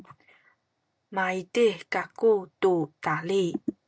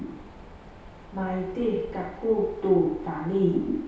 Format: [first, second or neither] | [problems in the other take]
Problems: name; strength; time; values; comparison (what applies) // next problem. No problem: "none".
first | background sound (Mechanisms); 17 dB below the speech // room echo; dies away in 0.8 s